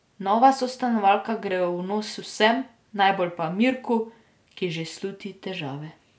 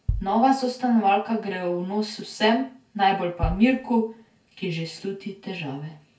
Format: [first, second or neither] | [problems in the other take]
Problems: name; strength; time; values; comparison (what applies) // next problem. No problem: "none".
first | background sound (Bass drum); 10 dB below the speech // room echo; dies away in 0.2 s